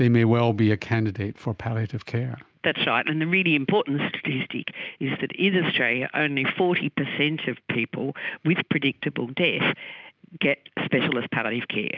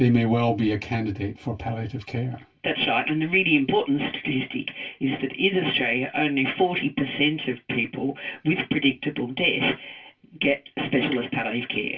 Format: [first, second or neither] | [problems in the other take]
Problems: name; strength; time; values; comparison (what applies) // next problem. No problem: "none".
first | room echo; dies away in 0.1 s